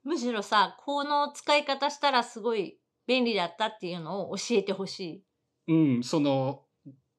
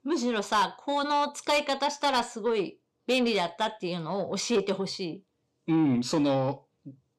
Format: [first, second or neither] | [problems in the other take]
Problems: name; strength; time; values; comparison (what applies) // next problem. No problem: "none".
first | distortion; slight; 10 dB below the speech